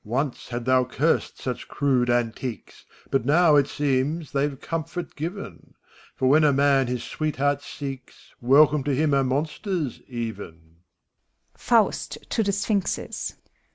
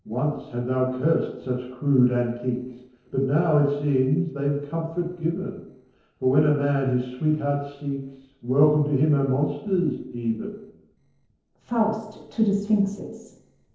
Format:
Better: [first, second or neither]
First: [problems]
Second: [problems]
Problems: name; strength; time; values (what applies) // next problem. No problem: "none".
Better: first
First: none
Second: noise reduction (neural separator model SepFormer DNS4)